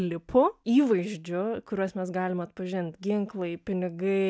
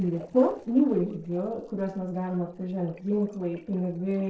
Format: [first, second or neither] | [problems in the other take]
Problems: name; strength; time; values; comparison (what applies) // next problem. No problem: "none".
first | noise reduction (neural separator model SepFormer DNS4)